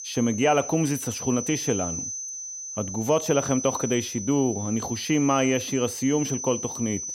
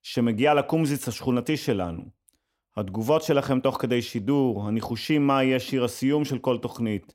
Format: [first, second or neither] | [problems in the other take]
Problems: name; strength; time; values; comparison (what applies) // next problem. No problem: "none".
second | high-pitched whine; loud; throughout; 6 kHz, 6 dB below the speech